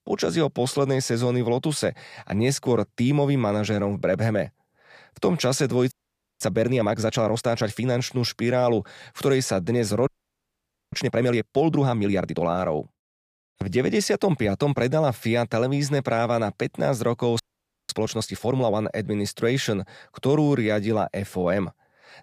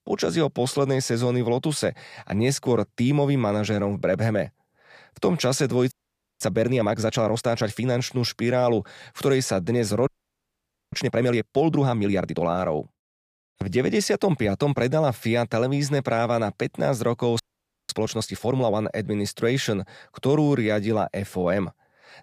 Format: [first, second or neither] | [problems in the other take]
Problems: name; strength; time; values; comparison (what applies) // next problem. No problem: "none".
neither | audio freezing; at 6 s, at 10 s for 1 s and at 17 s; the same in both